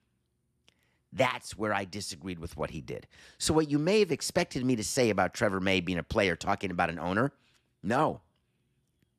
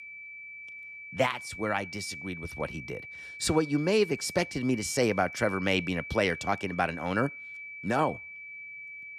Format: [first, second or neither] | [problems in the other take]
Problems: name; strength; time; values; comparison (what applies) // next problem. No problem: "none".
first | high-pitched whine; noticeable; throughout; 2.5 kHz, 10 dB below the speech